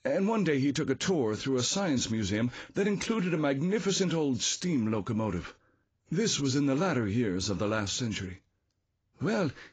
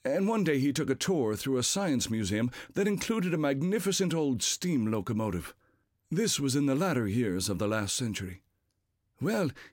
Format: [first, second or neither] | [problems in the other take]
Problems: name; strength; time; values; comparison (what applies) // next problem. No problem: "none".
second | garbled, watery; badly; nothing above 7.5 kHz